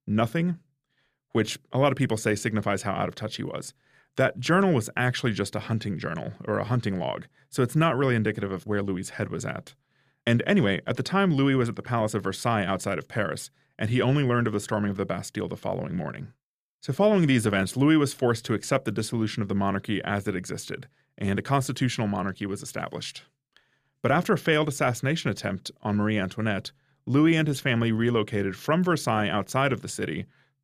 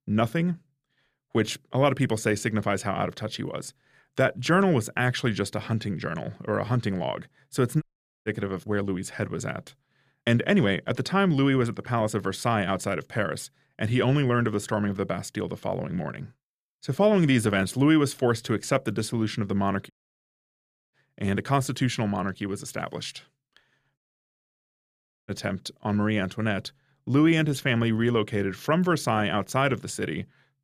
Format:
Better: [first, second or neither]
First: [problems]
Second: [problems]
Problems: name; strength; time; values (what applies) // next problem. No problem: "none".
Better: first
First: none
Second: audio cutting out; at 8 s, at 20 s for 1 s and at 24 s for 1.5 s